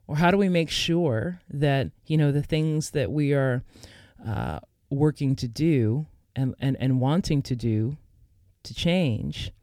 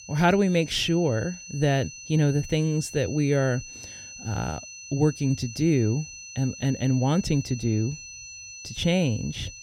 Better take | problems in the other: first | high-pitched whine; noticeable; throughout; 6 kHz, 15 dB below the speech

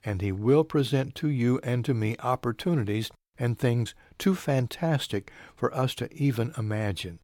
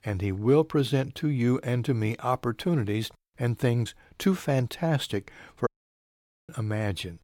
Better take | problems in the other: first | audio cutting out; at 5.5 s for 1 s

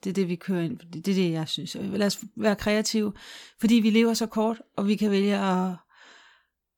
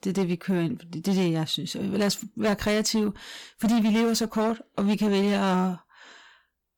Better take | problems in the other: first | distortion; slight; 12% of the sound clipped

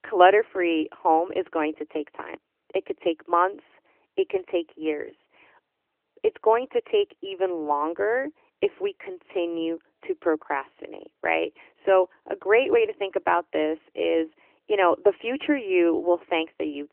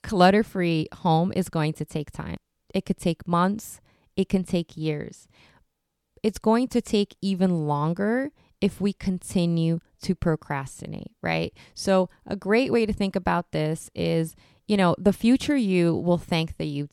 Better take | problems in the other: second | phone-call audio; nothing above 3 kHz

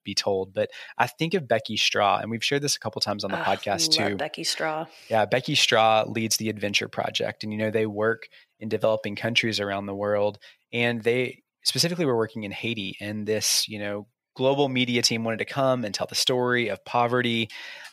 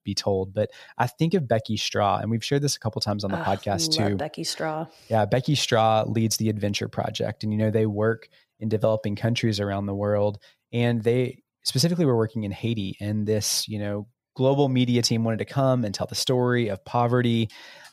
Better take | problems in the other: second | thin; very slightly; fading below 350 Hz

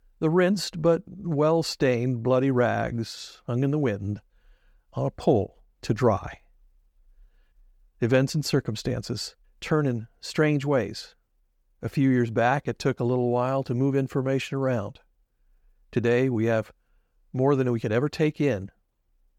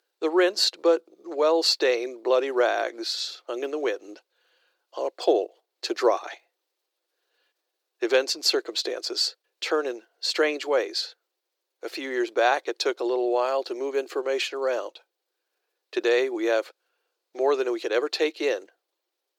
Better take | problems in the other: first | thin; very; fading below 350 Hz

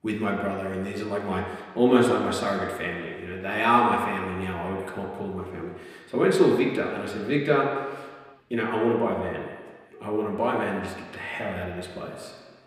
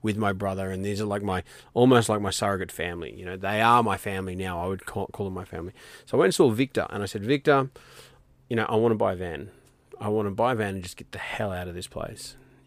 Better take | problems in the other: second | room echo; noticeable; dies away in 1.5 s // off-mic speech; somewhat distant

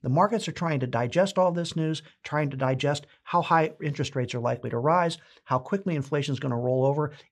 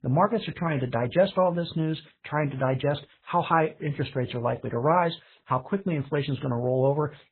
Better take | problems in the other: first | garbled, watery; badly; nothing above 4 kHz

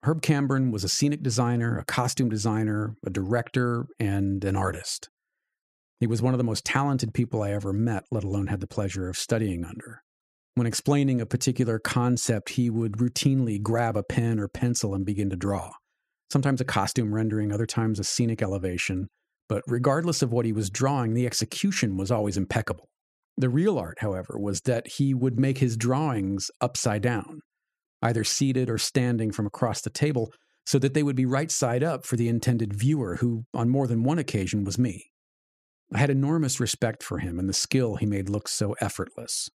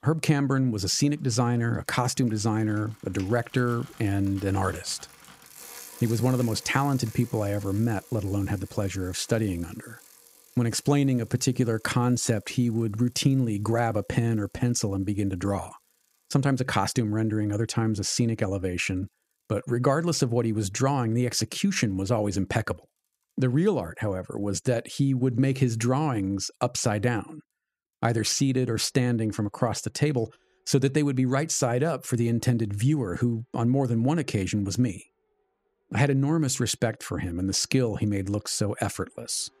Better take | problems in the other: first | traffic noise; faint; throughout; 20 dB below the speech

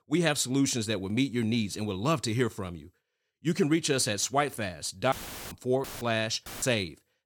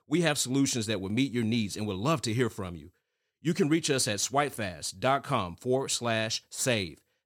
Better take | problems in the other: second | audio cutting out; filled with static; at 5 s, at 6 s and at 6.5 s

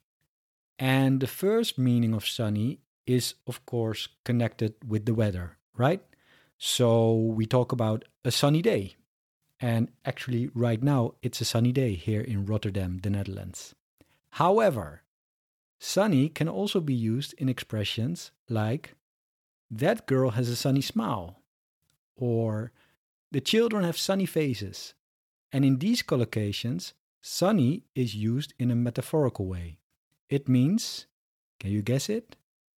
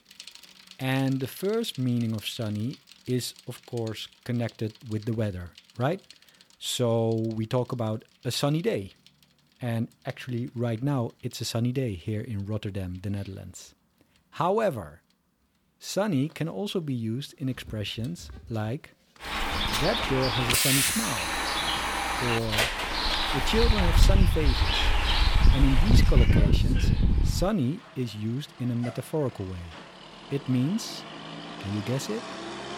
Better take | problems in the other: first | traffic noise; very loud; throughout; 4 dB above the speech

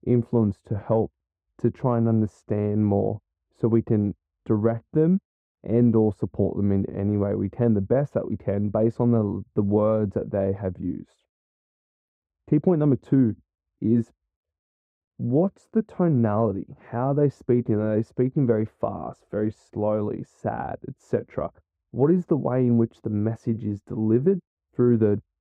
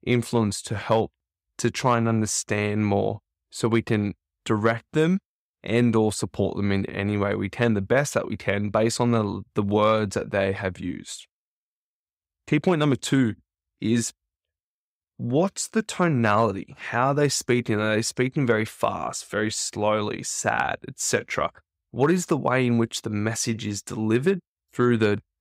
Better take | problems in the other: second | muffled; very; fading above 1.5 kHz

